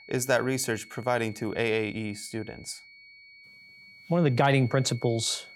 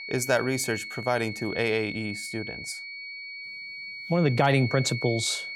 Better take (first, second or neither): first